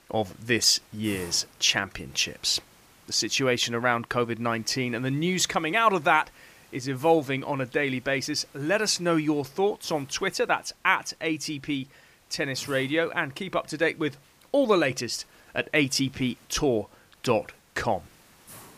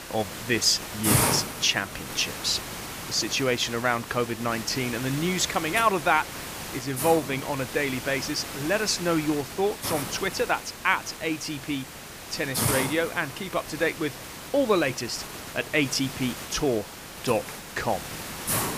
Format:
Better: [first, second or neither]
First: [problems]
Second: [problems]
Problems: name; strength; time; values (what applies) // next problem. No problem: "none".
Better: first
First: hiss; faint; throughout; 25 dB below the speech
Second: hiss; loud; throughout; 6 dB below the speech